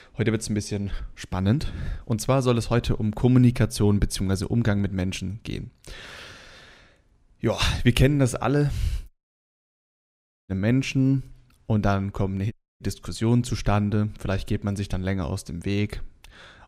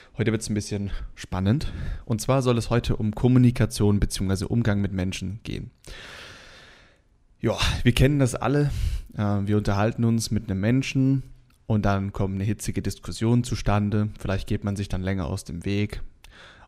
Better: second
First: audio cutting out; at 9 s for 1.5 s and at 13 s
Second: none

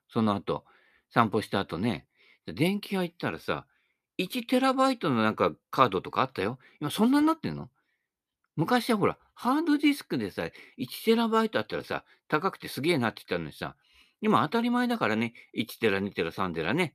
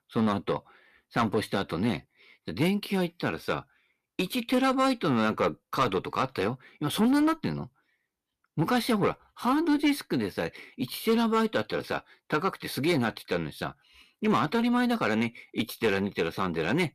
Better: first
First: none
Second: distortion; slight; 10 dB below the speech

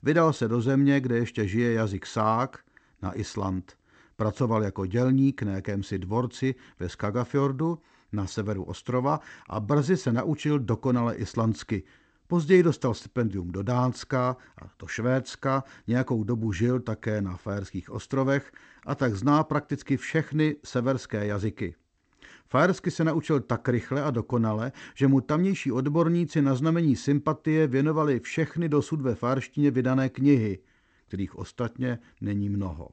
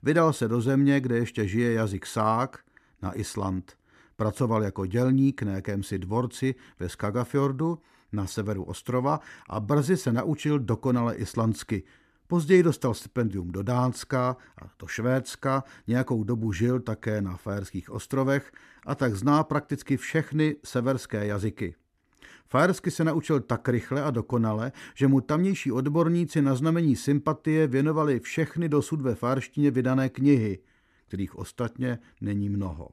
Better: second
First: garbled, watery; slightly; nothing above 8 kHz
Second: none

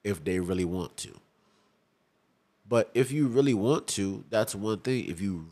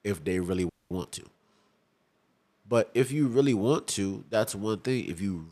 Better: first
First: none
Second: audio freezing; at 0.5 s

